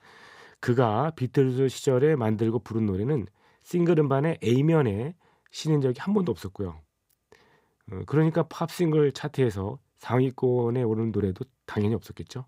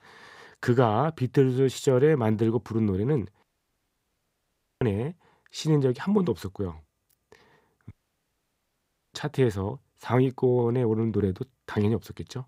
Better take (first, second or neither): first